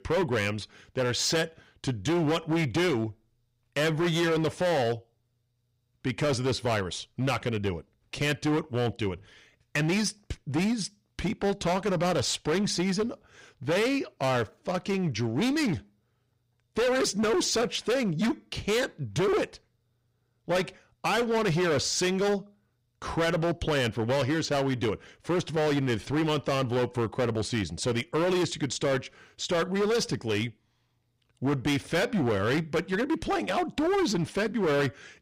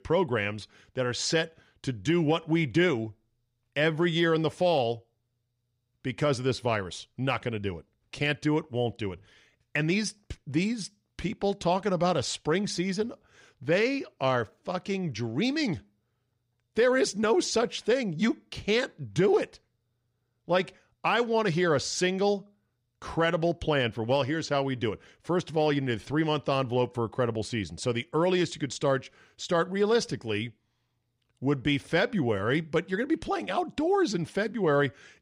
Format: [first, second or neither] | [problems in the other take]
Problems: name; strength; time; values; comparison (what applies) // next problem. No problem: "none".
second | distortion; heavy; 16% of the sound clipped